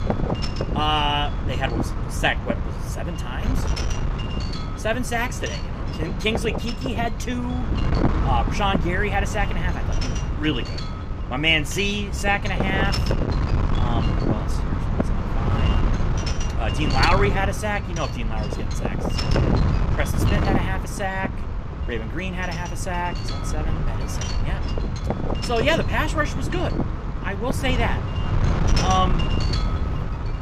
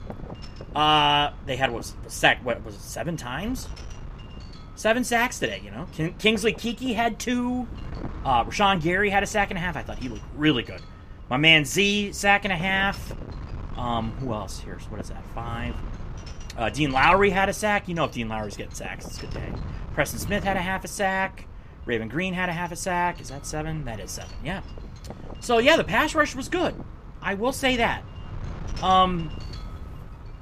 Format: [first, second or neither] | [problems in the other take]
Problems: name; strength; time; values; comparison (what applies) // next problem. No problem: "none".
second | wind noise on the microphone; heavy; 6 dB below the speech; occasional gusts in the second